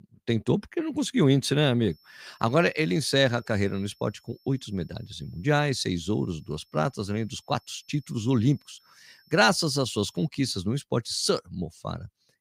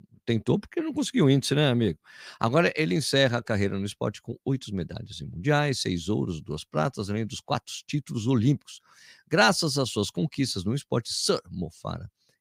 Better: second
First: high-pitched whine; faint; from 2 to 10 s; 5.5 kHz, 35 dB below the speech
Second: none

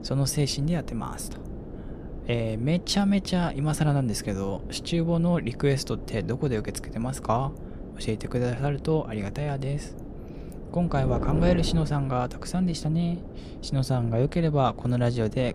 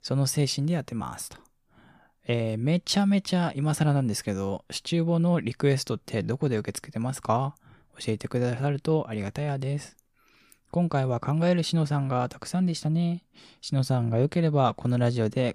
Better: second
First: wind noise on the microphone; occasional gusts; 15 dB below the speech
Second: none

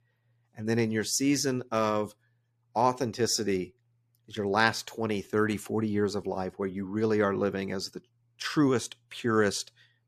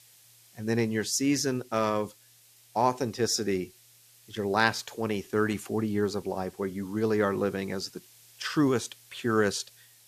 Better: first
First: none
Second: hiss; faint; throughout; 25 dB below the speech

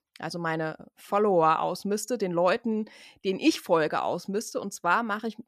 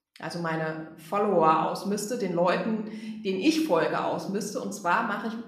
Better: first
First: none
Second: room echo; slight; dies away in 0.7 s // off-mic speech; somewhat distant

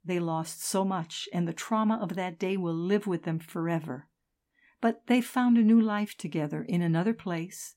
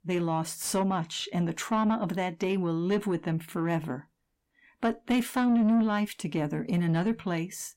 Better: first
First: none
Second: distortion; slight; 10 dB below the speech

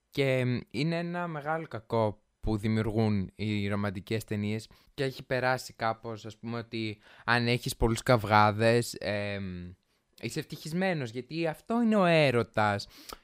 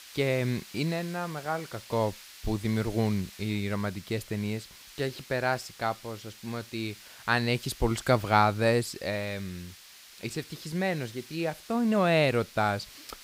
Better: first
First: none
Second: hiss; noticeable; throughout; 20 dB below the speech

